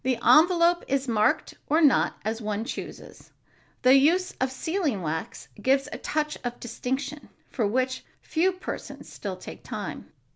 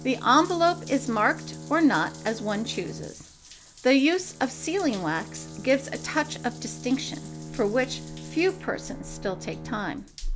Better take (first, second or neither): first